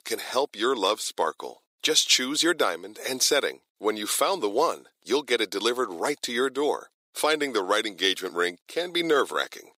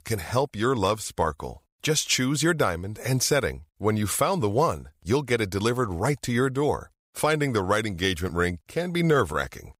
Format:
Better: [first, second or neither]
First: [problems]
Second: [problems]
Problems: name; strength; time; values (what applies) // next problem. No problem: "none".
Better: second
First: thin; somewhat; fading below 300 Hz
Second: none